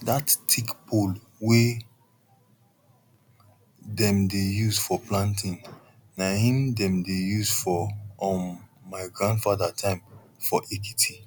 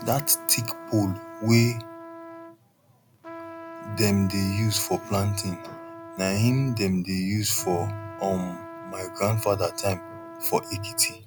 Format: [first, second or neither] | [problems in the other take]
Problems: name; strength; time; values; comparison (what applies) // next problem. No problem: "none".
first | background sound (Trumpet); 14 dB below the speech